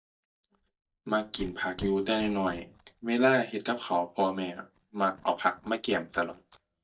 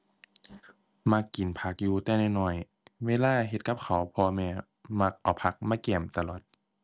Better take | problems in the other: second | noise reduction (neural mask model DeepFilterNet 3)

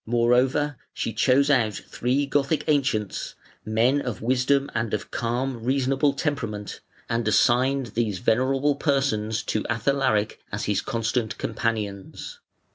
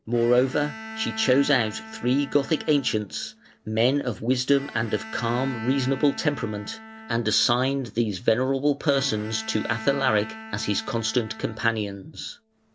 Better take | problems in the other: first | background sound (Bowed string instrument); 15 dB below the speech

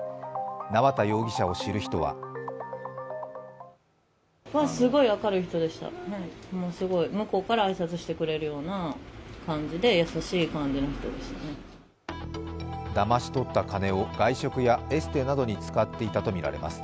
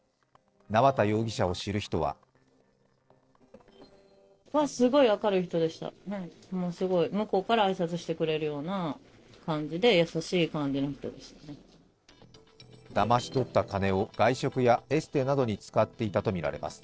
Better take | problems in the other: first | noise reduction (neural separator model SepFormer DNS4)

